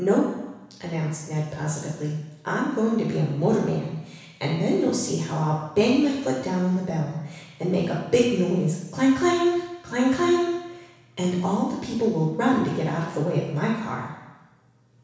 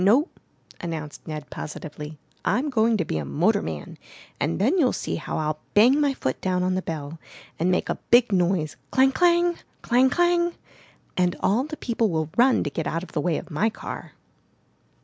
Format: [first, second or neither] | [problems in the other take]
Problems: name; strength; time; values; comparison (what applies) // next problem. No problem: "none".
second | room echo; dies away in 1.1 s